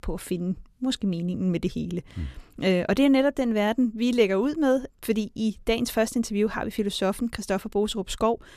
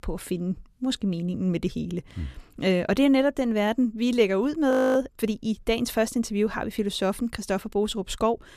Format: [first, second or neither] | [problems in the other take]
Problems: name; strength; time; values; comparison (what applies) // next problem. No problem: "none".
first | audio freezing; at 4.5 s